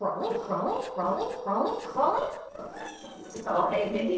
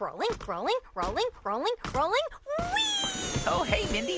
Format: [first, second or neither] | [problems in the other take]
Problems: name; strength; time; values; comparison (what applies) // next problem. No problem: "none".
second | noise reduction (neural separator model SepFormer DNS4)